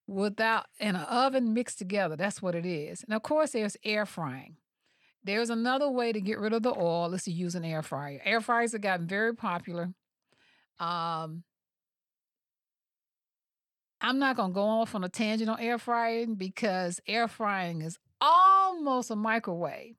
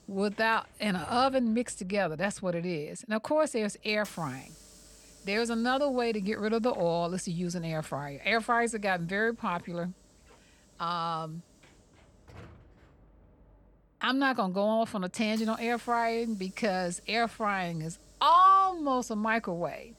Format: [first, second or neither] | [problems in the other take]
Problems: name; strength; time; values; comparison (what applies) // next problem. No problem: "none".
first | hiss; faint; throughout; 25 dB below the speech